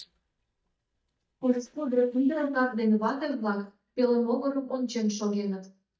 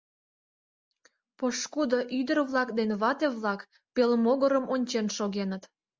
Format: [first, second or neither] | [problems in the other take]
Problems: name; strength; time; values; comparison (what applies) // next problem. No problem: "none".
second | noise reduction (neural mask model DeepFilterNet 3)